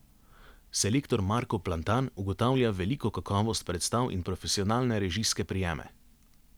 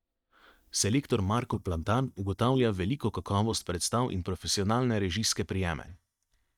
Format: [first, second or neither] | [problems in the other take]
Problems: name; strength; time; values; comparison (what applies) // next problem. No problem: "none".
first | noise reduction (neural mask model DeepFilterNet 3)